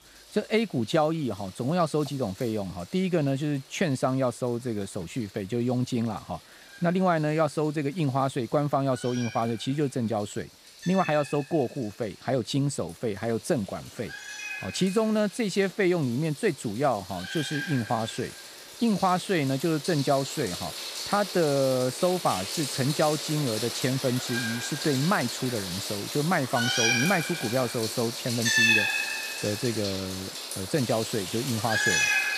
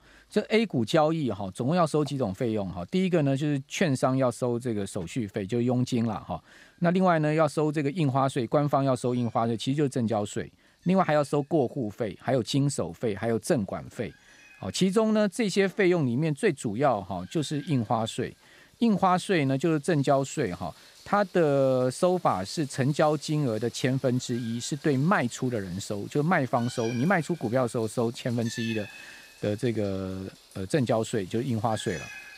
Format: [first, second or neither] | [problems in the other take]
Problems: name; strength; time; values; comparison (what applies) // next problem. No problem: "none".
second | animal sounds; loud; throughout; 2 dB below the speech; faint in the second